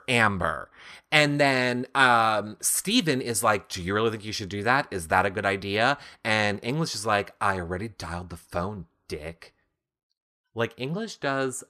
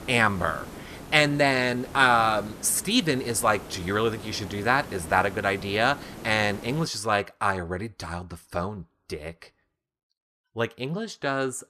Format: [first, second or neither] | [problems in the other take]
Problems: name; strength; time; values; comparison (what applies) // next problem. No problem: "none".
first | hiss; noticeable; until 7 s; 15 dB below the speech